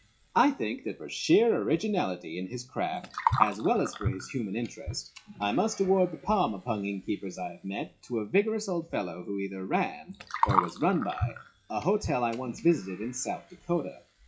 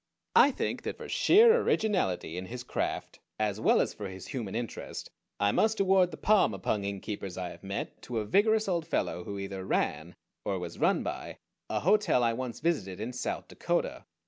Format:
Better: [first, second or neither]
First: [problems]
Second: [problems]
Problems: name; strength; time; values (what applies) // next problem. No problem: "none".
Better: second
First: noise reduction (classical method WPE with log-MMSE)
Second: none